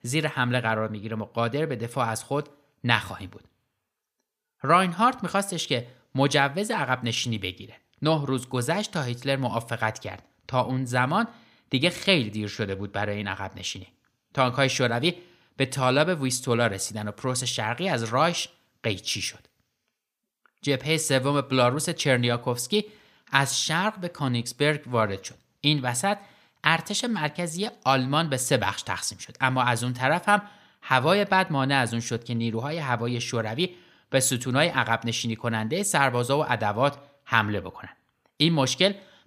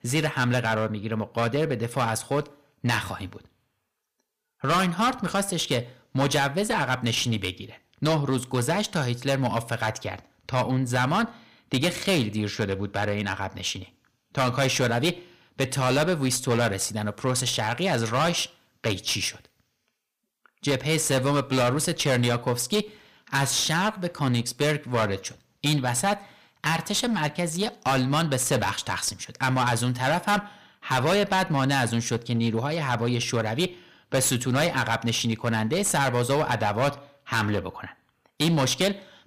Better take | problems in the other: first | distortion; heavy; 12% of the sound clipped

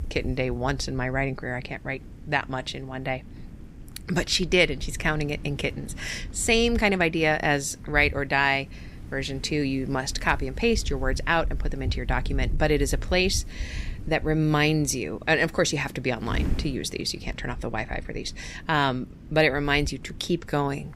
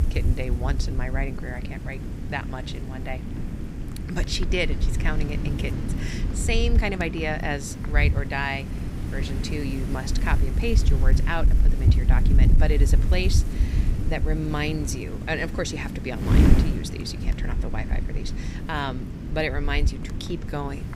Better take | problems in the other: first | wind noise on the microphone; heavy; 7 dB below the speech; occasional gusts in the first

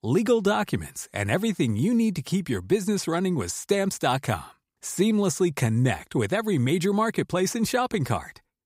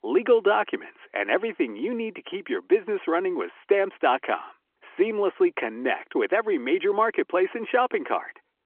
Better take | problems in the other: first | phone-call audio

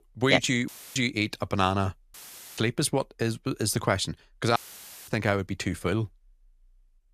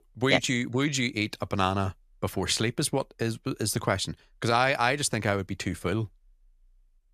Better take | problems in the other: second | audio cutting out; filled with static; at 0.5 s, at 2 s and at 4.5 s for 0.5 s

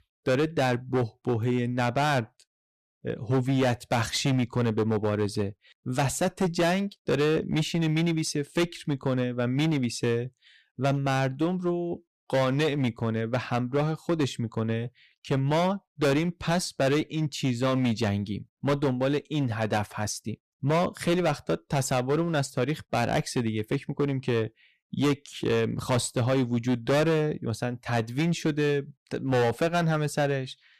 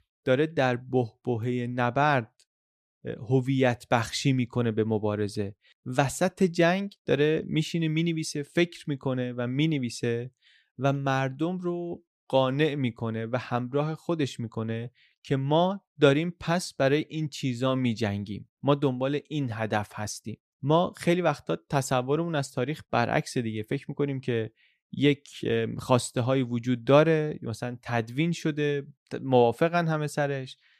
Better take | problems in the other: second | distortion; heavy; 12% of the sound clipped

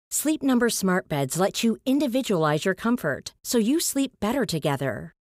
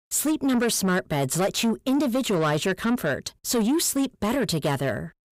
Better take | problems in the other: first | distortion; slight; 10 dB below the speech

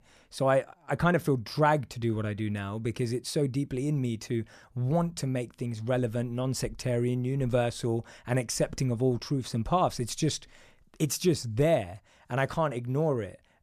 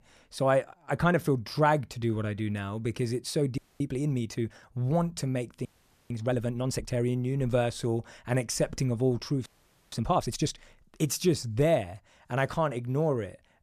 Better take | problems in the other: first | audio freezing; at 3.5 s, at 5.5 s and at 9.5 s

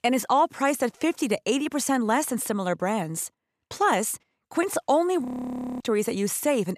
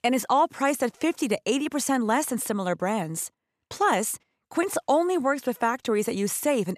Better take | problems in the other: second | audio freezing; at 5.5 s for 0.5 s

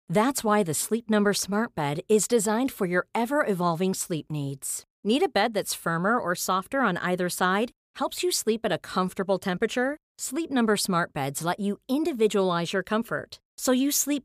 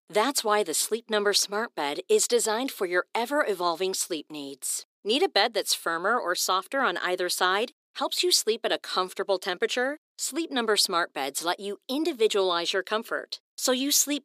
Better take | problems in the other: first | thin; somewhat; fading below 300 Hz

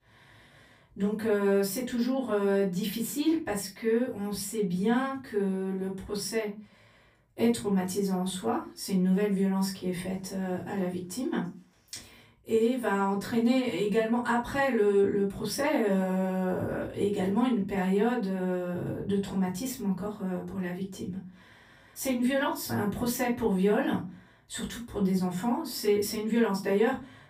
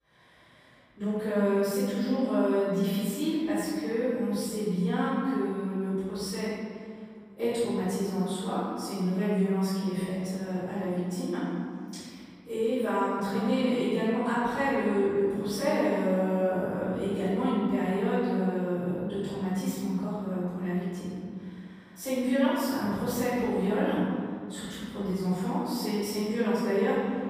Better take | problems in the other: first | room echo; strong; dies away in 1.9 s; slight in the first // off-mic speech; far; far in the first

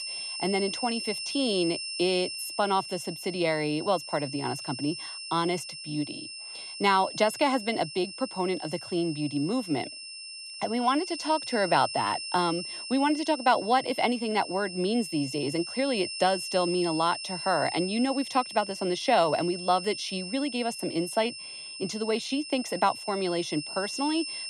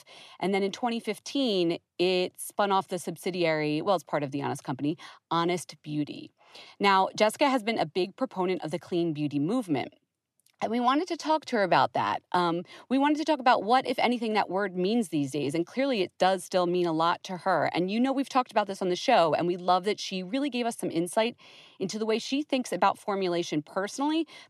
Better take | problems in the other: second | high-pitched whine; loud; throughout; 5.5 kHz, 8 dB below the speech

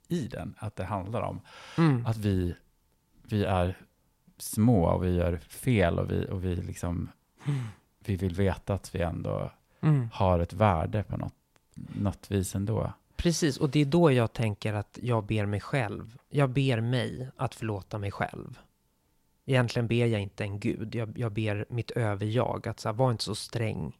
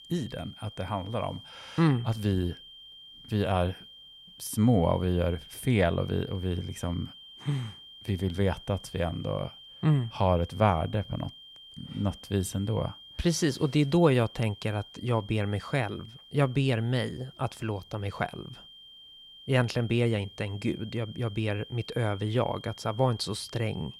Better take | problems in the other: first | high-pitched whine; noticeable; throughout; 3 kHz, 20 dB below the speech

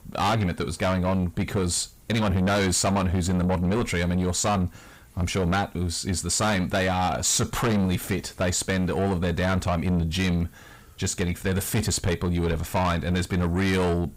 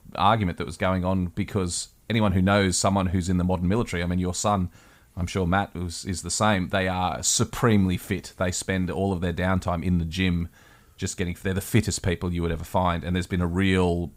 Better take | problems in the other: second | distortion; heavy; 7 dB below the speech

